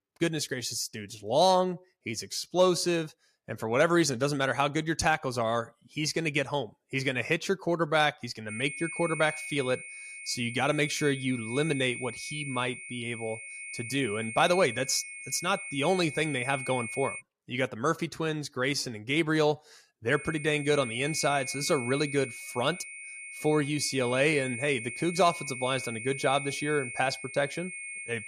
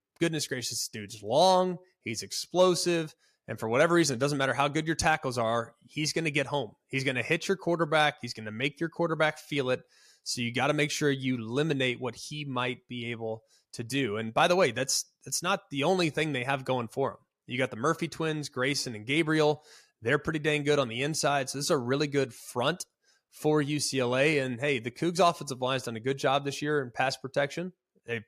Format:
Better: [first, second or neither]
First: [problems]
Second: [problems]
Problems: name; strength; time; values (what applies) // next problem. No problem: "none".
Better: second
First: high-pitched whine; loud; from 8.5 to 17 s and from 20 s on; 2 kHz, 9 dB below the speech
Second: none